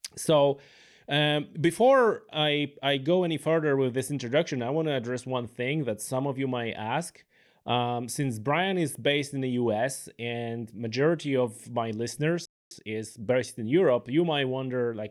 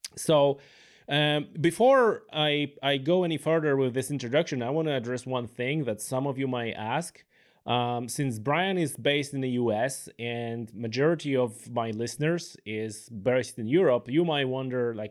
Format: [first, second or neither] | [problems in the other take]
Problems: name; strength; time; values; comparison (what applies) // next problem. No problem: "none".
second | audio freezing; at 12 s